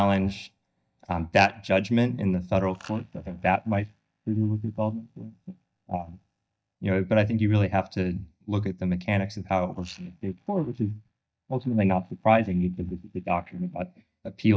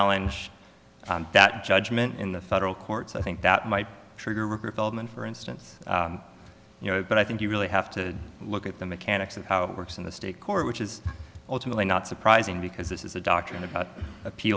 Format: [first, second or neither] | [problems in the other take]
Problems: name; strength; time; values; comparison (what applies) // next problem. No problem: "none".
second | noise reduction (neural mask model DeepFilterNet 3)